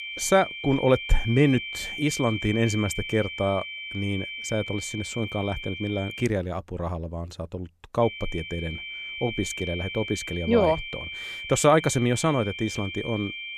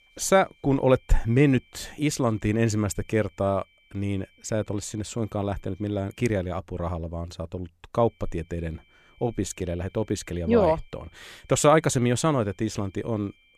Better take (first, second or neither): second